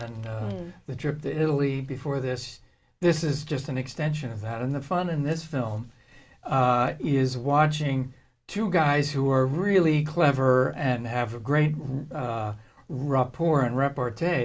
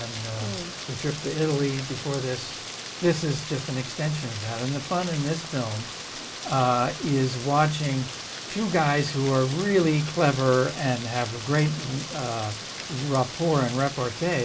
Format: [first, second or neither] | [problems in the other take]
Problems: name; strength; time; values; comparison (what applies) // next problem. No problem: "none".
first | background sound (Rain); 10 dB below the speech